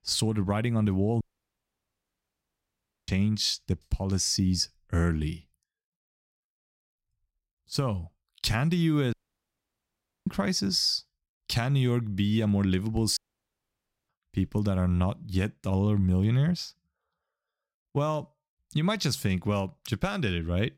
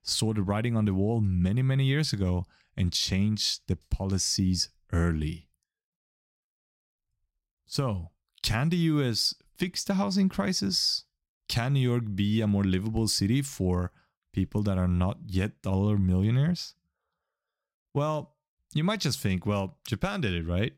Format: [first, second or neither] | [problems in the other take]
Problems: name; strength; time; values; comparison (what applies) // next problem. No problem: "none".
second | audio cutting out; at 1 s for 2 s, at 9 s for 1 s and at 13 s for 1 s